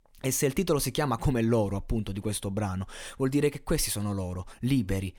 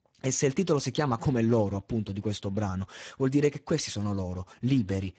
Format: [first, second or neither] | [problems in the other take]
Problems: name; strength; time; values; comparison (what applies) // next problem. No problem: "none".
first | garbled, watery; badly; nothing above 7.5 kHz